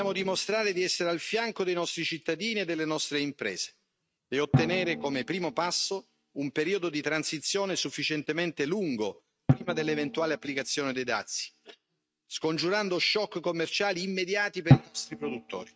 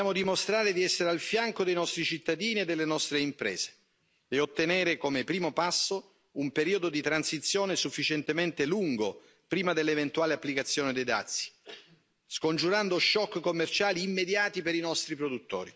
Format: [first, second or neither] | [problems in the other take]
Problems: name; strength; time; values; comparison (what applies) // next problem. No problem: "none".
second | noise reduction (neural mask model RNNoise)